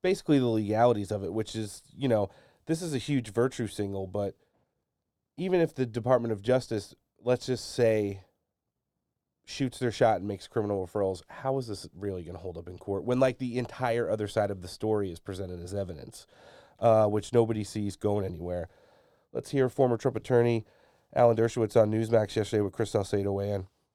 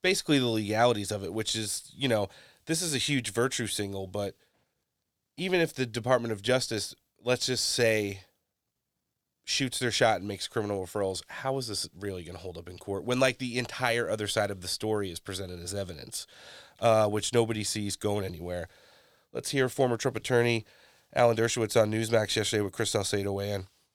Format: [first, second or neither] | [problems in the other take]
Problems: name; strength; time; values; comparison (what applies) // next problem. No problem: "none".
second | muffled; slightly; fading above 1 kHz